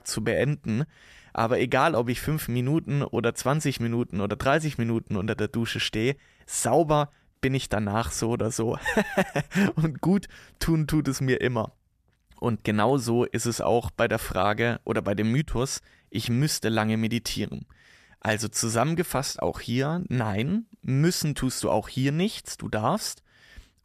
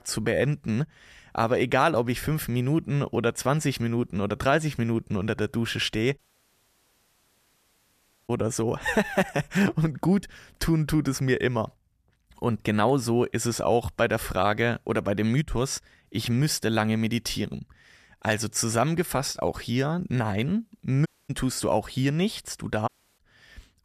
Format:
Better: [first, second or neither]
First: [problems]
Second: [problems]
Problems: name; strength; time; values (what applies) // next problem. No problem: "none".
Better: first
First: none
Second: audio cutting out; at 6 s for 2 s, at 21 s and at 23 s